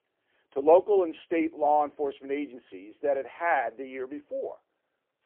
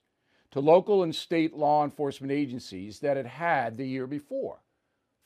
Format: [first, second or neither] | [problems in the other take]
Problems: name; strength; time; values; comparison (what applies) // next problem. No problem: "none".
second | phone-call audio; poor line; nothing above 3 kHz